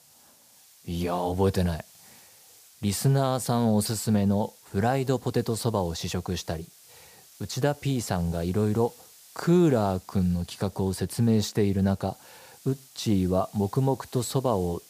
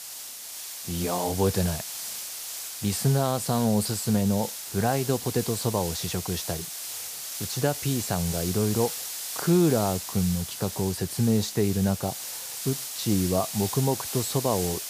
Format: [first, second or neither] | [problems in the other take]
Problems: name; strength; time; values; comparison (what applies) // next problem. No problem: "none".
first | hiss; loud; throughout; 6 dB below the speech; faint in the first